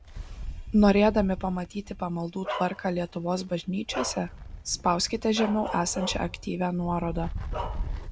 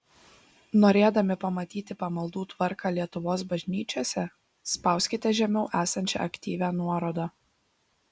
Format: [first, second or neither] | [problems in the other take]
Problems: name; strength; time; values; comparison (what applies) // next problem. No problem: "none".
second | background sound (Wind + Bark); 9 dB below the speech